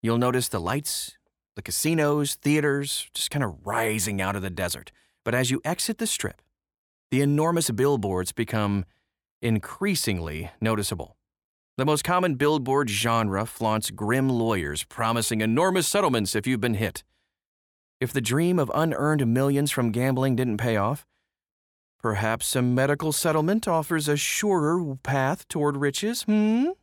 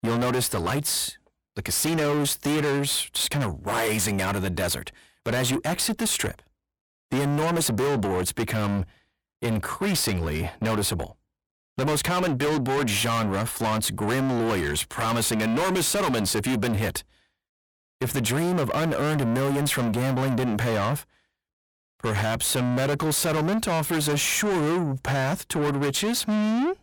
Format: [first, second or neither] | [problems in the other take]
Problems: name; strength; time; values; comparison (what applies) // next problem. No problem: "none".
first | distortion; heavy; 6 dB below the speech